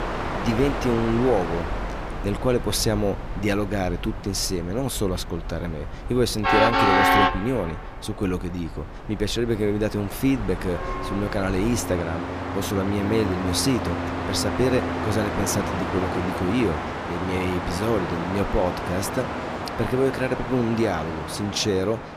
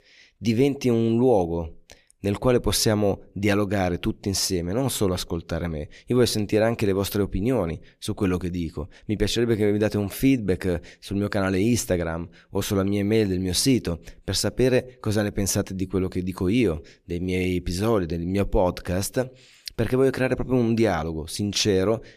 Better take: second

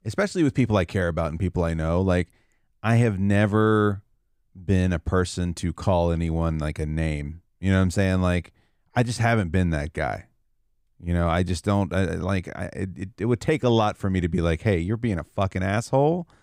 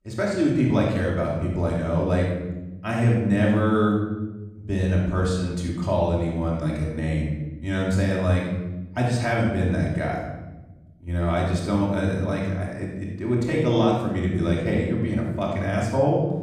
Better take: first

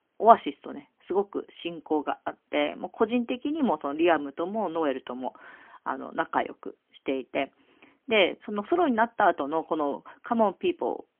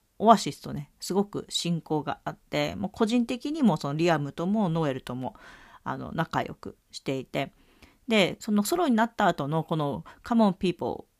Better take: second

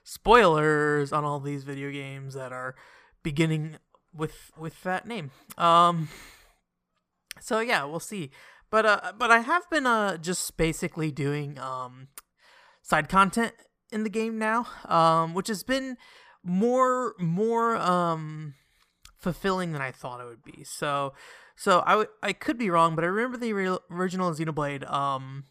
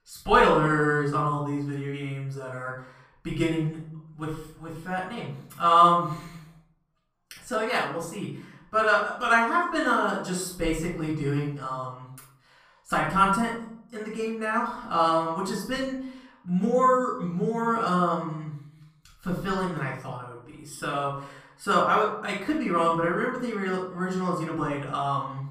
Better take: first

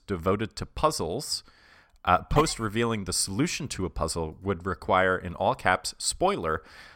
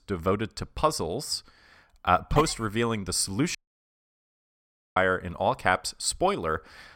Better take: first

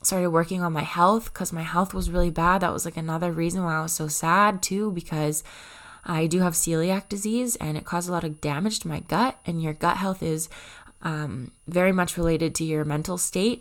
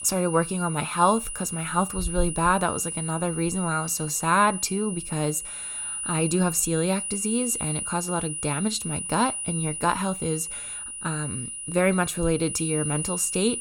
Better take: first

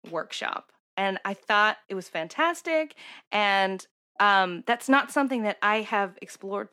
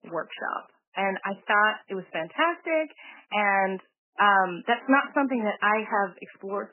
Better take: first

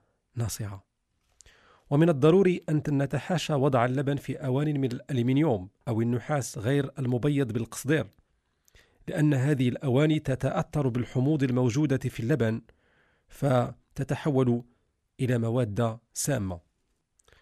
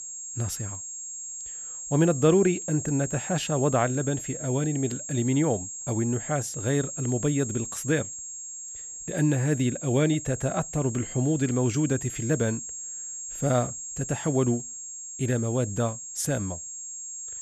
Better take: first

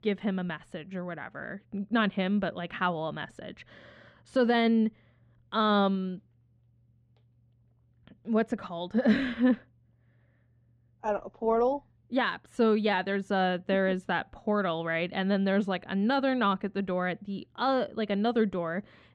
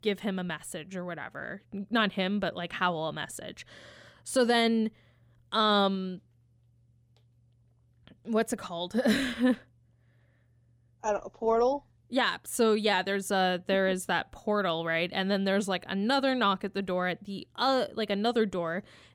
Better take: second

